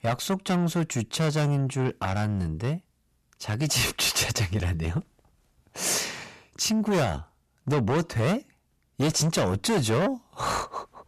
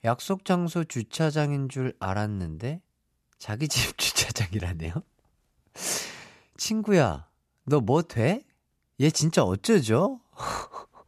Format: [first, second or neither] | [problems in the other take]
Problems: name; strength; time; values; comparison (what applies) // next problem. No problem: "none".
second | distortion; heavy; 6 dB below the speech